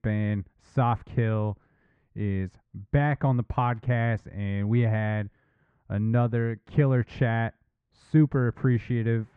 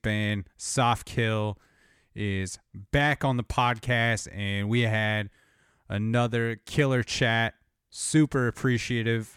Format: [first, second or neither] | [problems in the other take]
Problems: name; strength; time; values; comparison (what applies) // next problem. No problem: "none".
second | muffled; very; fading above 1.5 kHz